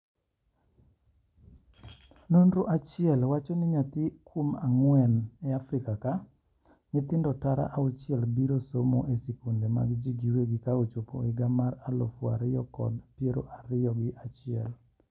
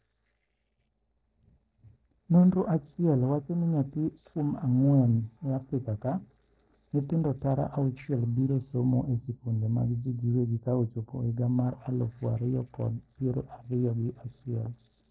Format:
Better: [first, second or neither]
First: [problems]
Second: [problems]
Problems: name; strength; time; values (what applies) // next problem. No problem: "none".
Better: first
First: none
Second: noise reduction (neural separator model SepFormer DNS4)